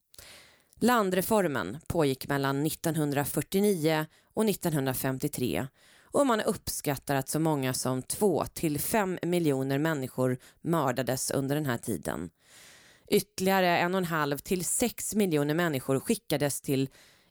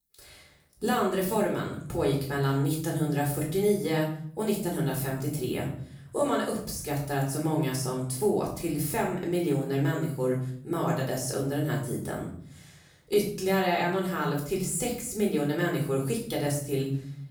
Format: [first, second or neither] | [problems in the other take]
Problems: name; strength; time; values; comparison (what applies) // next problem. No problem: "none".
first | off-mic speech; far // room echo; noticeable; dies away in 0.7 s